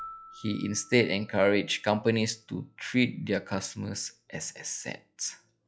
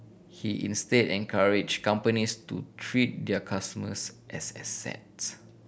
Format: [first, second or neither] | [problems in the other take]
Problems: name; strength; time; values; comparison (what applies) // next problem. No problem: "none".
second | noise reduction (classical method log-MMSE)